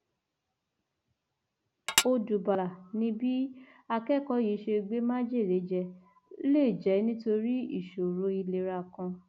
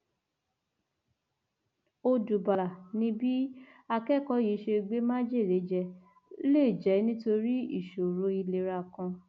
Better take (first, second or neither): second